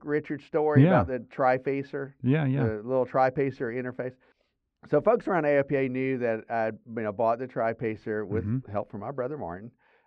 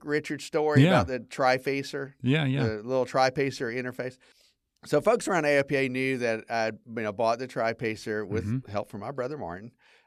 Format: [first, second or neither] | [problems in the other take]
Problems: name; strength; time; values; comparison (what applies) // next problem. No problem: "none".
second | muffled; very; fading above 1.5 kHz